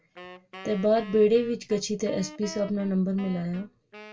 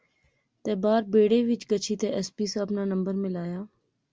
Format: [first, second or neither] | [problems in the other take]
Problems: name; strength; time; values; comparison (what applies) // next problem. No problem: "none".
second | background sound (Wind instrument, woodwind instrument); 18 dB below the speech // room echo; dies away in 0.2 s